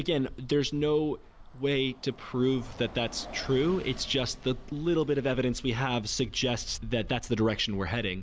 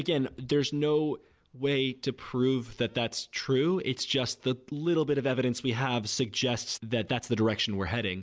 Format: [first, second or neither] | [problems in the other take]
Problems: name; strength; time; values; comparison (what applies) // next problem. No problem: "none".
second | background sound (Bus); 15 dB below the speech